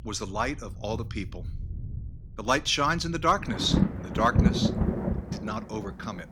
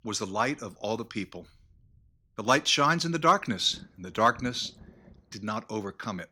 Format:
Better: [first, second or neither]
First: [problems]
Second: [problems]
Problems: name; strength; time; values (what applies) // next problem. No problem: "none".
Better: second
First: rain or running water; loud; throughout; 2 dB below the speech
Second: rain or running water; faint; throughout; 30 dB below the speech